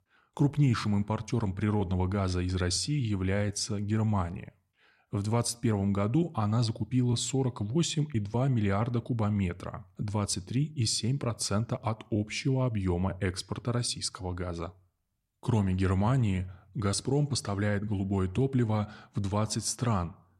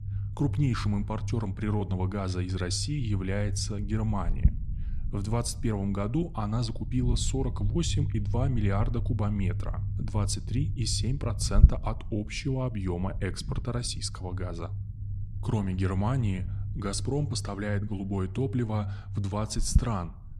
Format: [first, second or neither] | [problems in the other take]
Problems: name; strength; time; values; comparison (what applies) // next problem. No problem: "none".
first | low rumble; noticeable; throughout; 15 dB below the speech